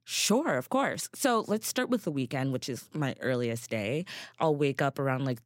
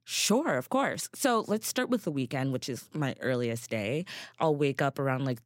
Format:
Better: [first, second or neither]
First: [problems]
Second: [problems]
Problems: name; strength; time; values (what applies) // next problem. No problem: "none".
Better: neither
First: none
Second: none